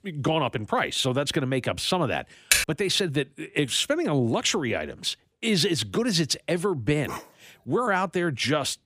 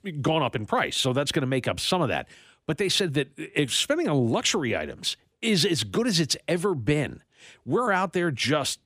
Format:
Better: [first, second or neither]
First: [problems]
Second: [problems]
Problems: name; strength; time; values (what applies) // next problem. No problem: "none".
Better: second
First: keyboard typing; loud; at 2.5 s; peak 4 dB above the speech // dog barking; faint; at 7 s; peak 10 dB below the speech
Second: none